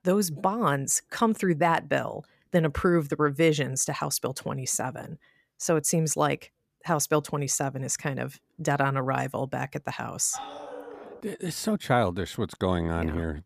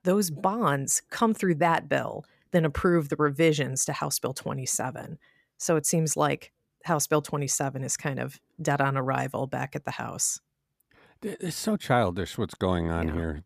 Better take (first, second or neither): second